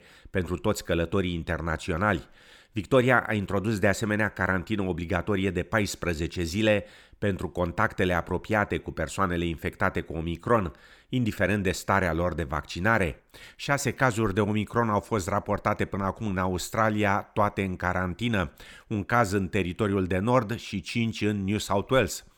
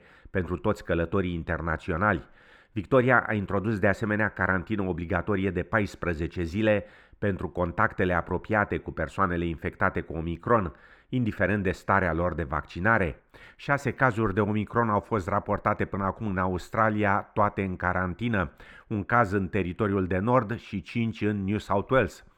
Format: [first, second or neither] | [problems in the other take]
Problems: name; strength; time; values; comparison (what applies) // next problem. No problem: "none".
first | muffled; slightly; fading above 3 kHz